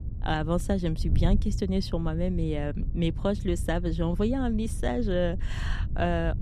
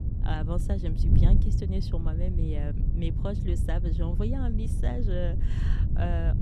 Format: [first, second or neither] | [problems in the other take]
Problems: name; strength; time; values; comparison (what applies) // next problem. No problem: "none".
first | wind noise on the microphone; heavy; 4 dB below the speech; occasional gusts in the first